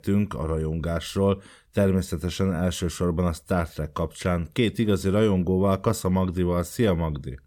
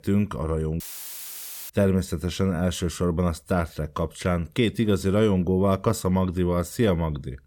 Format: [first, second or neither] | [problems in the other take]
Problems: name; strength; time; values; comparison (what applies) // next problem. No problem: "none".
first | audio cutting out; filled with static; at 1 s for 1 s